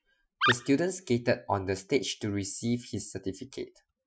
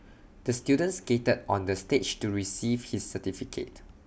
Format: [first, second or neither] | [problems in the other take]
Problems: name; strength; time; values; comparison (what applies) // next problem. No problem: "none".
second | noise reduction (classical method Wiener filter)